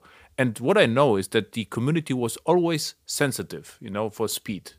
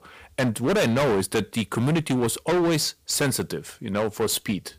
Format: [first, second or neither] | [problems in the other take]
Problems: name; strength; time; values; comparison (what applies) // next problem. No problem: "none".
first | distortion; heavy; 19% of the sound clipped